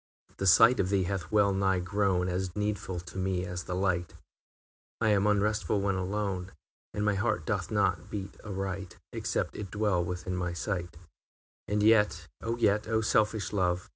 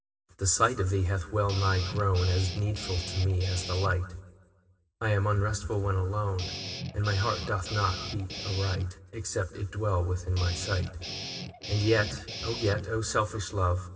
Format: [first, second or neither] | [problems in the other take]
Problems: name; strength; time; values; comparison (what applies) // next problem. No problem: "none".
first | background sound (Guitar); 9 dB below the speech // room echo; dies away in 1.1 s